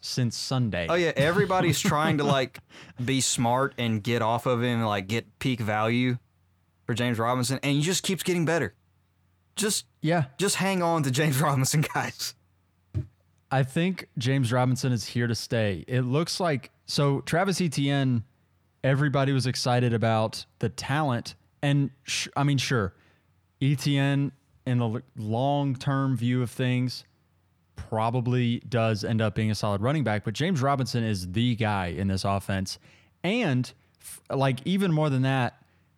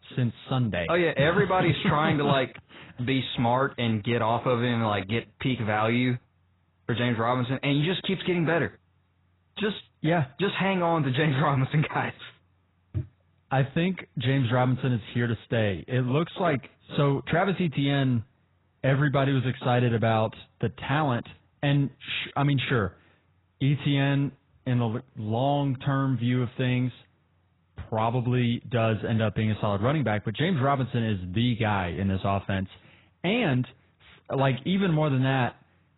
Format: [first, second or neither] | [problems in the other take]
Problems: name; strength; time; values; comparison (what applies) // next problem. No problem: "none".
first | garbled, watery; badly; nothing above 4 kHz